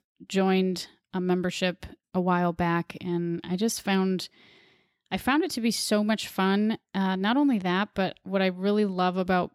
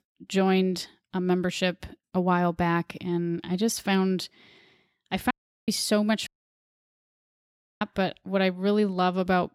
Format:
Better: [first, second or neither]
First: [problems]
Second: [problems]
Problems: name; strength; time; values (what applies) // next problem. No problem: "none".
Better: first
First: none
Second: audio cutting out; at 5.5 s and at 6.5 s for 1.5 s